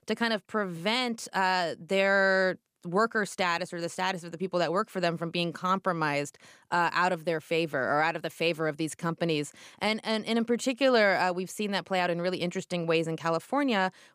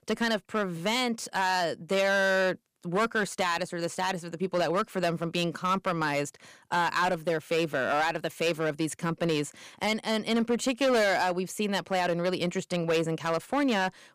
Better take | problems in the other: first | distortion; slight; 7% of the sound clipped

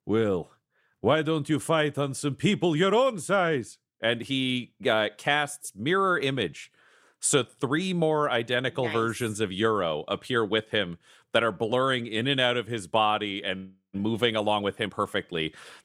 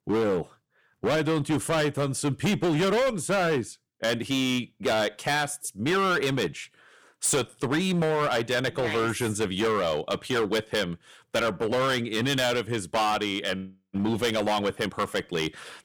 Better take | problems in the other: first | distortion; heavy; 15% of the sound clipped

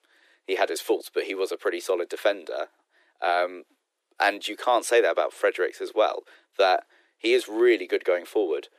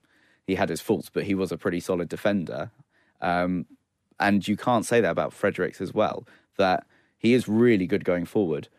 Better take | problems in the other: second | thin; very; fading below 350 Hz

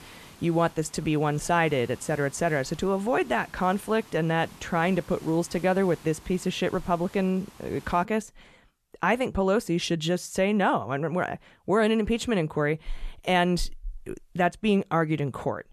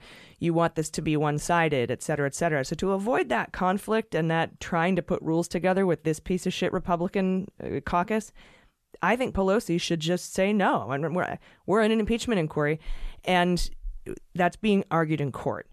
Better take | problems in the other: second | hiss; faint; until 8 s; 25 dB below the speech

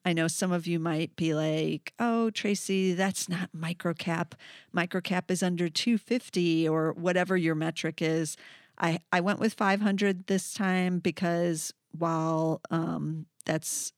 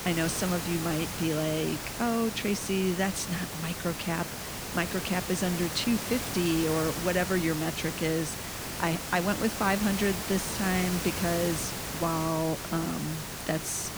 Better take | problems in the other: first | hiss; loud; throughout; 4 dB below the speech

